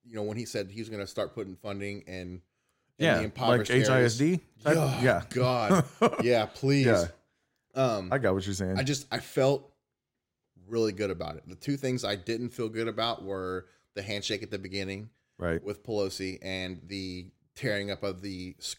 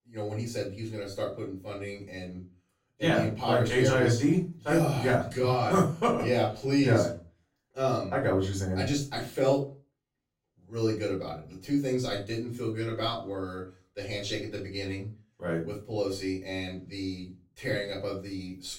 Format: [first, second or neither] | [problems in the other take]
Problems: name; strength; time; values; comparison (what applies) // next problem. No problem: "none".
first | off-mic speech; far // room echo; slight; dies away in 0.3 s